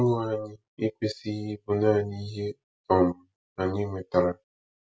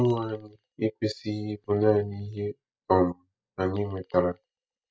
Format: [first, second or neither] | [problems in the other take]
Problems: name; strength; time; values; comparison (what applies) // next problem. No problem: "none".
first | noise reduction (neural mask model DeepFilterNet 3)